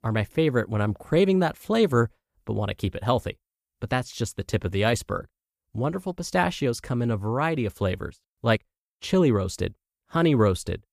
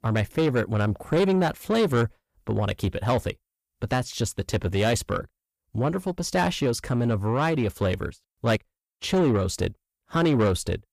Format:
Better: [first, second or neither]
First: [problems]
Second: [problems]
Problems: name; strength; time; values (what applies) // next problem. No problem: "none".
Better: first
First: none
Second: distortion; slight; 10 dB below the speech